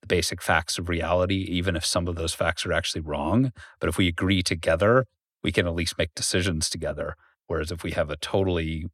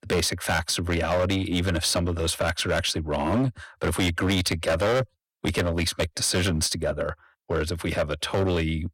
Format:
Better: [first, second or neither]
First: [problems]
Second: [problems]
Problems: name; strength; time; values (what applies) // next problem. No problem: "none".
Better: first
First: none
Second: distortion; heavy; 12% of the sound clipped